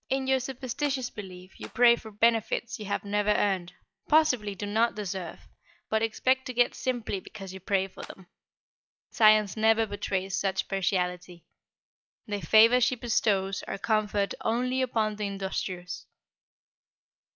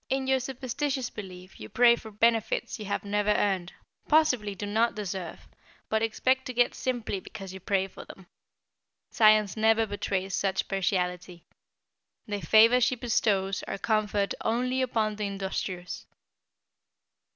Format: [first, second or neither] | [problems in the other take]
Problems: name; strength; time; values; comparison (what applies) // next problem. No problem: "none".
second | noise reduction (classical method log-MMSE)